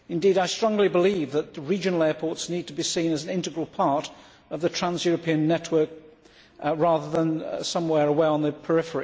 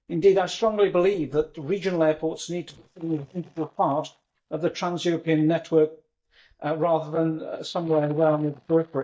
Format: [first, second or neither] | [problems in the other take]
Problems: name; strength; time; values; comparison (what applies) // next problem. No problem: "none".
first | noise reduction (neural mask model DeepFilterNet 3)